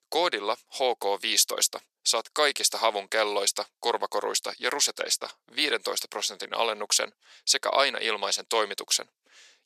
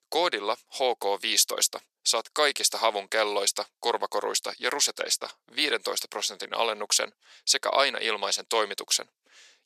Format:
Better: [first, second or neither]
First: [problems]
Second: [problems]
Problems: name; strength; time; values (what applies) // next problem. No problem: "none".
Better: neither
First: thin; very; fading below 450 Hz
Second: thin; very; fading below 450 Hz